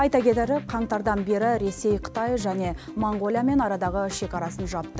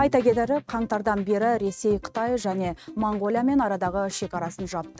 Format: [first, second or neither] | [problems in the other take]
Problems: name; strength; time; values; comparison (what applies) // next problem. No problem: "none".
first | noise reduction (neural mask model RNNoise)